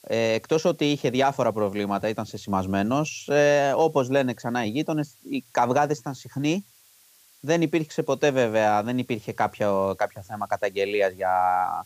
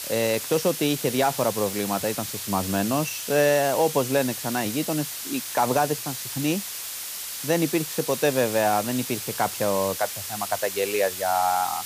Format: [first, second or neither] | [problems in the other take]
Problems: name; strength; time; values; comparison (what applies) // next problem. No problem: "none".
first | hiss; loud; throughout; 5 dB below the speech; faint in the first